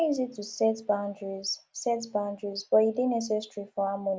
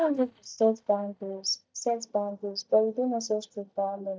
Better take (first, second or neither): first